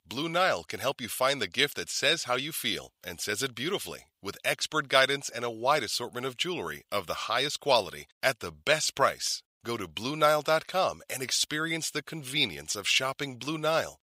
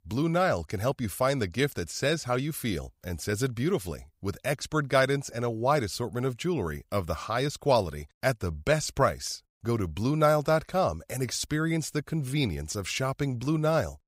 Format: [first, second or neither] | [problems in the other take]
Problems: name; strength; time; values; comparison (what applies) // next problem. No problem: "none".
second | thin; somewhat; fading below 750 Hz